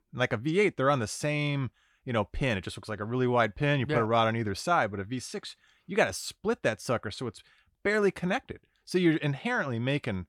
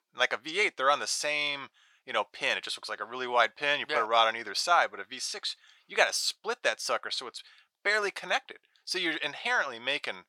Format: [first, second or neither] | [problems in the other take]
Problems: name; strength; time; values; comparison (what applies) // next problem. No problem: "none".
first | thin; very; fading below 750 Hz